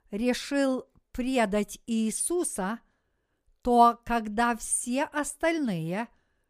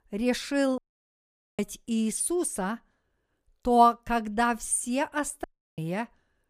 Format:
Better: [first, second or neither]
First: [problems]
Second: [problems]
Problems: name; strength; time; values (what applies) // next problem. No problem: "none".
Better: first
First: none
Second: audio cutting out; at 1 s for 1 s and at 5.5 s